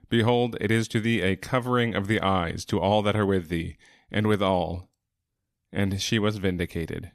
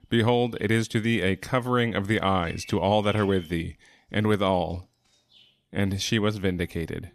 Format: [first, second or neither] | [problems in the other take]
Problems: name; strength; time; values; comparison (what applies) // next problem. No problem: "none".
first | animal sounds; faint; throughout; 20 dB below the speech